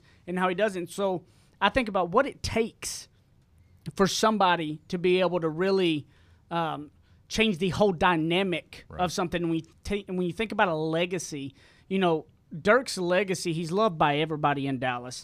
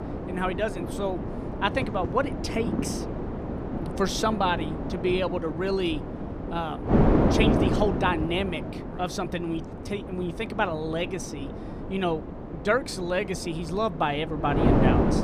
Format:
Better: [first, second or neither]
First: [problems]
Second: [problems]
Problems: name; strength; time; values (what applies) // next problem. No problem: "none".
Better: first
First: none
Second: wind noise on the microphone; heavy; 4 dB below the speech